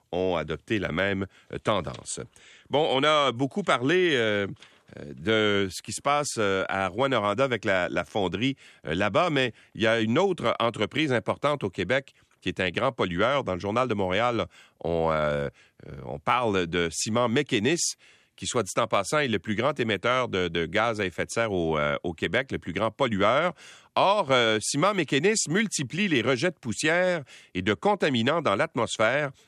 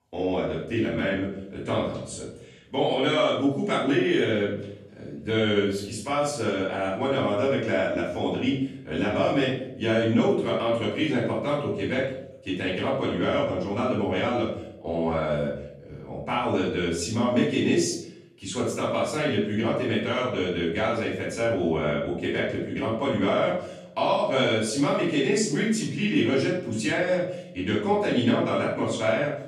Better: first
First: none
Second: off-mic speech; far // room echo; noticeable; dies away in 0.7 s

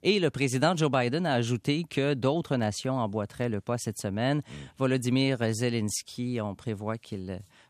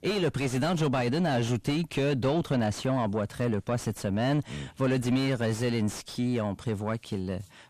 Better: first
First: none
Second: distortion; heavy; 6 dB below the speech

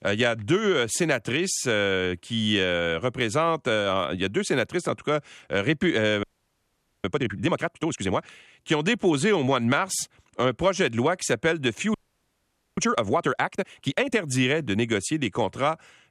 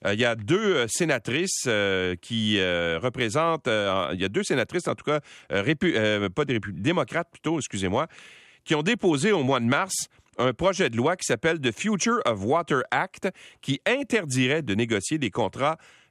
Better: second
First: audio freezing; at 6 s for 1 s and at 12 s for 1 s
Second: none

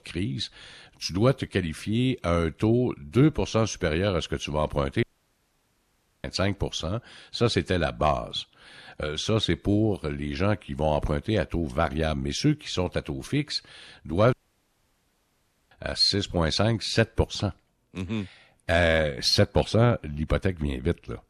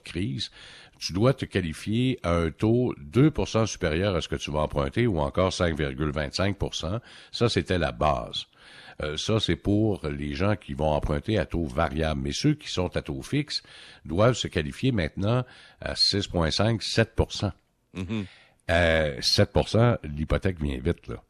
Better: second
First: audio cutting out; at 5 s for 1 s and at 14 s for 1.5 s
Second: none

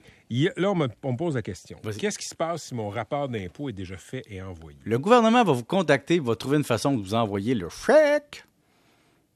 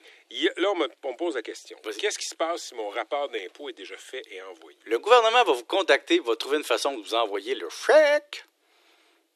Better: first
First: none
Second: thin; very; fading below 350 Hz

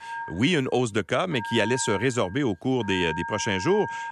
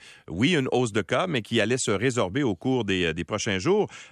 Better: second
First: phone ringing; noticeable; peak 7 dB below the speech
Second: none

